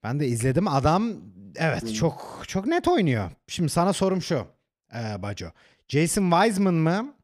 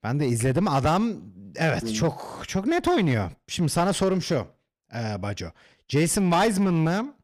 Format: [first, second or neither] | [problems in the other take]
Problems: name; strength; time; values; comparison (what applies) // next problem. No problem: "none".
first | distortion; slight; 7% of the sound clipped